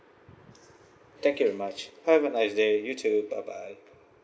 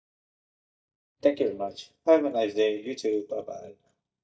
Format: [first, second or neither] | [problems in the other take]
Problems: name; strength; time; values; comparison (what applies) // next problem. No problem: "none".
first | noise reduction (neural mask model DeepFilterNet 3)